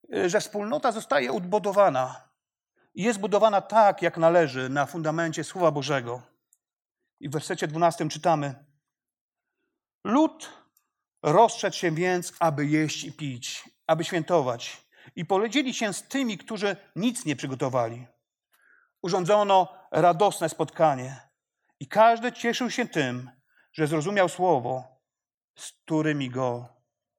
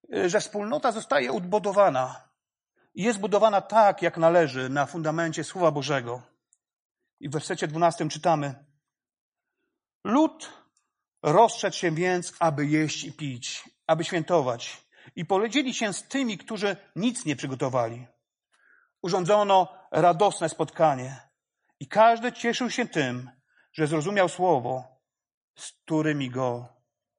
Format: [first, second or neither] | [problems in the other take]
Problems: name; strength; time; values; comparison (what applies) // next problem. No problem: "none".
first | garbled, watery; slightly; nothing above 9.5 kHz